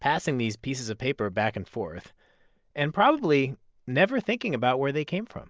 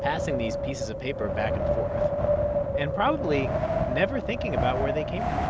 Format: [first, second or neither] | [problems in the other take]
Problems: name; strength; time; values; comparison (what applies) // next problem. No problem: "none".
first | background sound (Wind); 4 dB above the speech